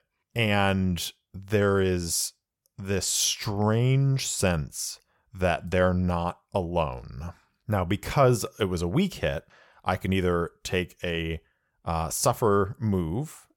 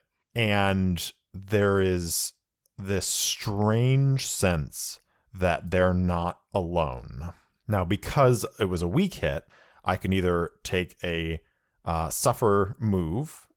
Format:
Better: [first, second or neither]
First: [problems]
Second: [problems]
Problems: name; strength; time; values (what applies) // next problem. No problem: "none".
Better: first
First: none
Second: garbled, watery; slightly; nothing above 17.5 kHz